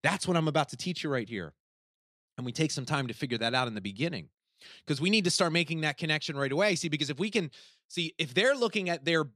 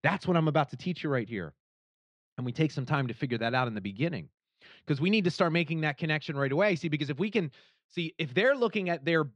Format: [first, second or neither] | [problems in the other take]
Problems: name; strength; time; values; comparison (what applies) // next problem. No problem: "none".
first | muffled; slightly; fading above 2.5 kHz